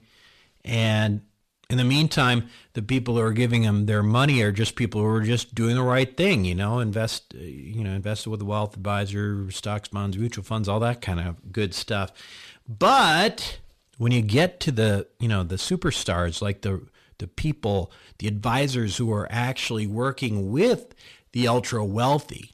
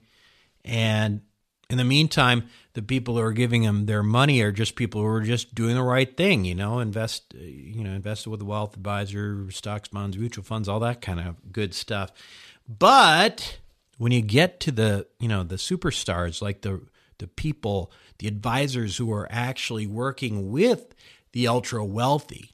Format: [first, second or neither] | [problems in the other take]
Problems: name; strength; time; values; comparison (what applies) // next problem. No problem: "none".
second | distortion; slight; 10 dB below the speech